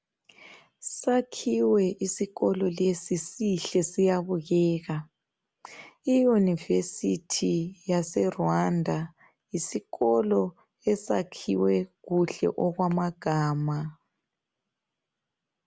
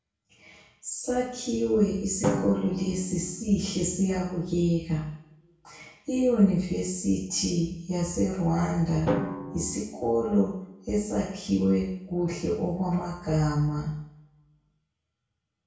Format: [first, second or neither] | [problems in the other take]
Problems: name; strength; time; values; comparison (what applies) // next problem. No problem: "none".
first | background sound (Drum); 12 dB below the speech // room echo; dies away in 0.6 s